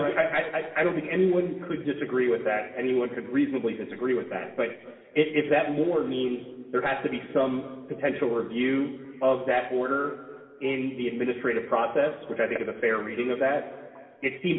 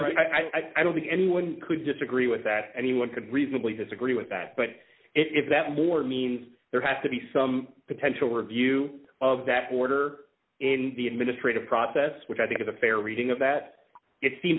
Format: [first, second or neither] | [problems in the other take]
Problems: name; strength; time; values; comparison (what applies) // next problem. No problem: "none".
second | room echo; dies away in 2.3 s